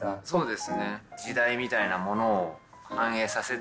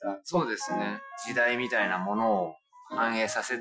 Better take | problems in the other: first | noise reduction (classical method Wiener filter)

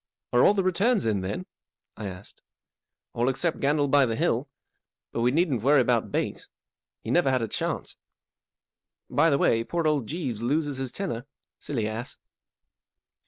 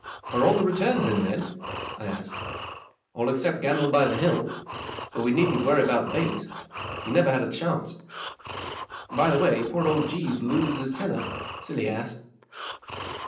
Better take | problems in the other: first | background sound (Breathing); 10 dB below the speech // room echo; dies away in 0.6 s

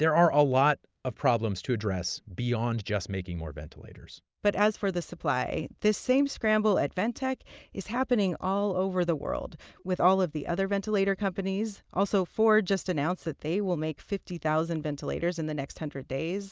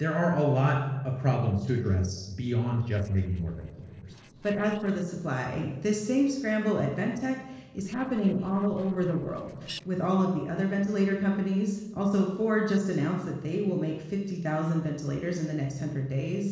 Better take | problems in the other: first | noise reduction (neural separator model SepFormer DNS4)

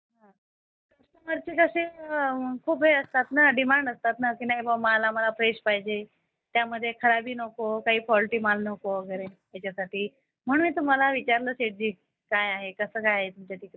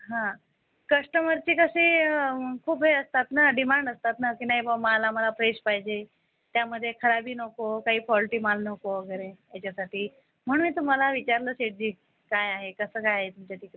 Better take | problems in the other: second | noise reduction (neural mask model DeepFilterNet 3)

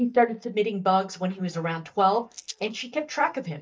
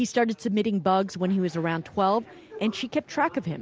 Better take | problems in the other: second | noise reduction (neural mask model DeepFilterNet 3)

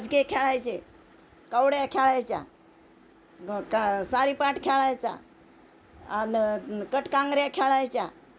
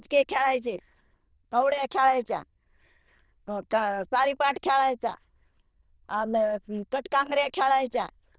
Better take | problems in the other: first | noise reduction (neural diffusion model UNIVERSE++)

